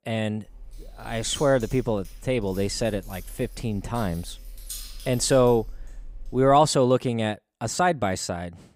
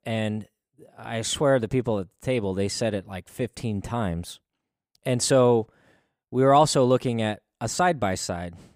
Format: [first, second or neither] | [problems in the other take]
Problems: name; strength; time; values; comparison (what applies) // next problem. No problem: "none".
second | jangling keys; faint; until 6.5 s; peak 10 dB below the speech